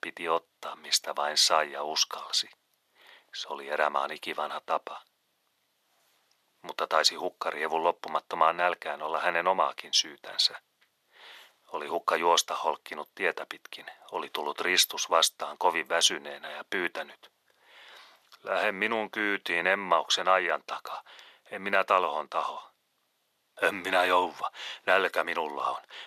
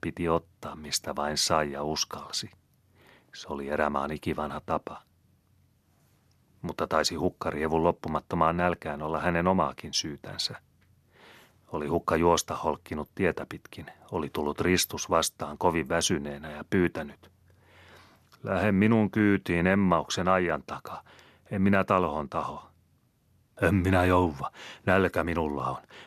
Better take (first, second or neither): second